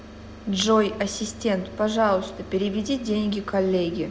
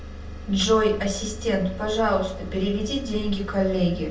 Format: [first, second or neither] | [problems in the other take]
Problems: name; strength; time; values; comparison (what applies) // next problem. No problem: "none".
first | room echo; dies away in 0.3 s